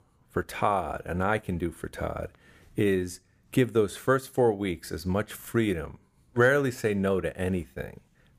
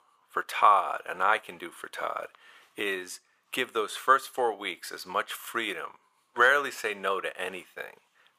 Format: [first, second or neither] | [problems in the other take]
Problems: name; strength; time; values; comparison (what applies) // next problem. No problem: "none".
first | thin; very; fading below 600 Hz